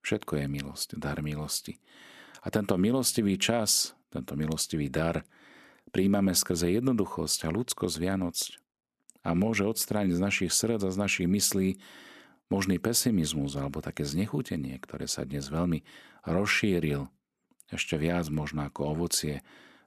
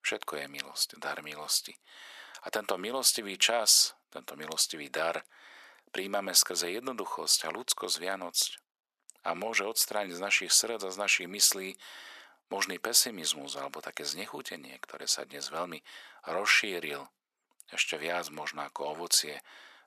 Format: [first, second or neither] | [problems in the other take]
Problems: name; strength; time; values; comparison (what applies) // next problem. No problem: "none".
first | thin; very; fading below 750 Hz